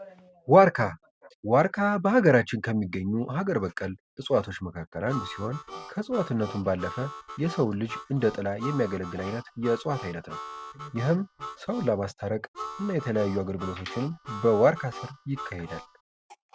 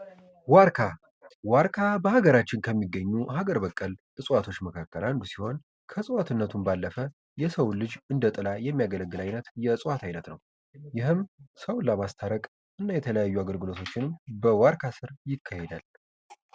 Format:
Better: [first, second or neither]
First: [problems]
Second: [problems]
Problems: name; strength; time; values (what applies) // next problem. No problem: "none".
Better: second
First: background sound (Harmonica); 14 dB below the speech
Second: none